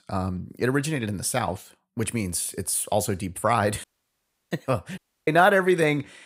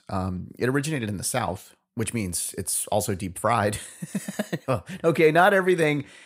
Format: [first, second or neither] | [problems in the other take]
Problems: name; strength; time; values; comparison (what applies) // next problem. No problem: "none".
second | audio cutting out; at 4 s for 0.5 s and at 5 s